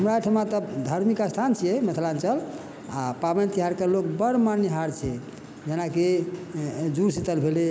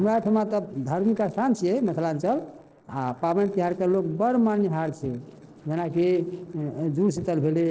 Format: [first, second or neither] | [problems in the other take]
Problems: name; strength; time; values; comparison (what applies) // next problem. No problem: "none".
first | noise reduction (neural separator model SepFormer DNS4)